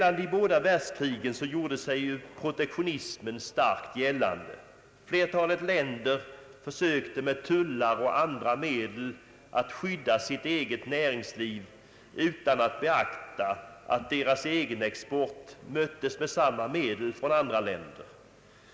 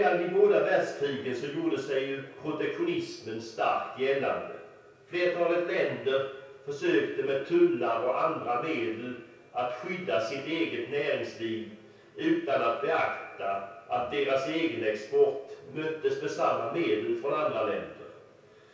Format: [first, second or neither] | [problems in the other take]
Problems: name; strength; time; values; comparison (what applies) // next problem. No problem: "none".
first | room echo; dies away in 0.6 s